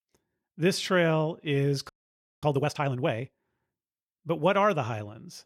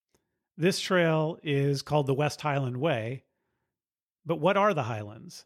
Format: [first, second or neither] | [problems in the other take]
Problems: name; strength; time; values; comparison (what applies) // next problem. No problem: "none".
second | audio freezing; at 2 s for 0.5 s